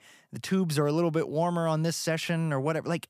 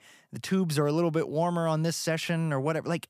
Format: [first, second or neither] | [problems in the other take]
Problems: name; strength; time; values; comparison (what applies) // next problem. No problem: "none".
neither | none